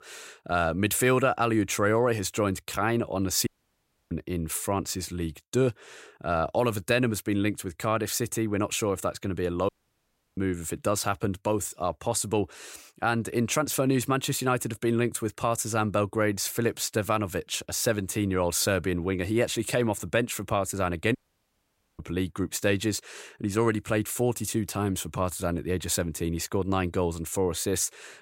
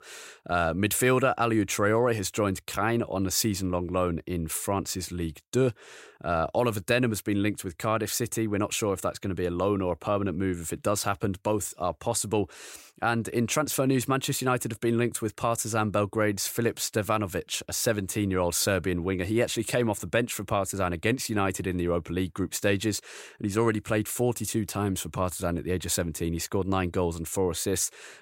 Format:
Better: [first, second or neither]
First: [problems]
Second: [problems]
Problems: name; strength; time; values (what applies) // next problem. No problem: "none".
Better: second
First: audio cutting out; at 3.5 s for 0.5 s, at 9.5 s for 0.5 s and at 21 s for 1 s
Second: none